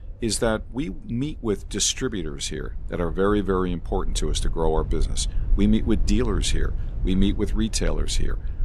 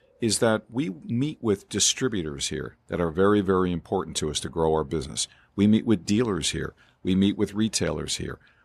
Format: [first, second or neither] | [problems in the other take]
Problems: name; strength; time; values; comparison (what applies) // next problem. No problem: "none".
second | low rumble; faint; throughout; 20 dB below the speech